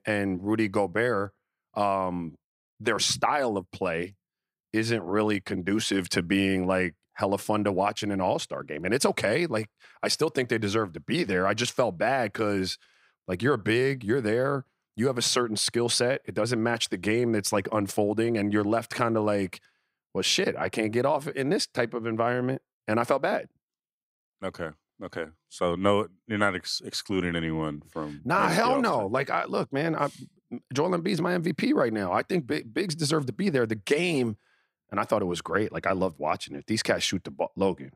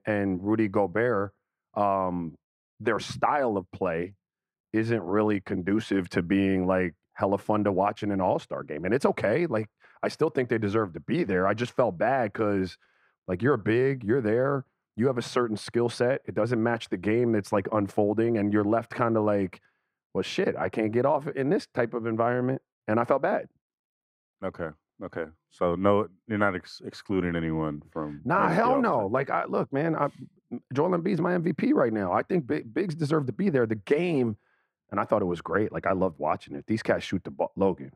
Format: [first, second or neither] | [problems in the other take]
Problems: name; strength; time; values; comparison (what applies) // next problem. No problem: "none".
first | muffled; slightly; fading above 2.5 kHz